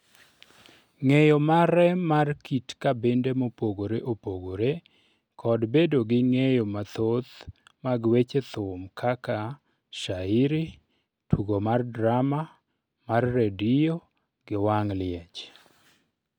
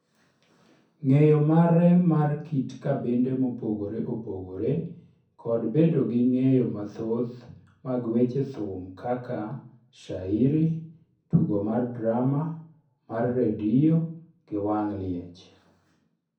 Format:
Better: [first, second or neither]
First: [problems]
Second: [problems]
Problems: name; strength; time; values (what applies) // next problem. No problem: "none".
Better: first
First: none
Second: room echo; dies away in 0.6 s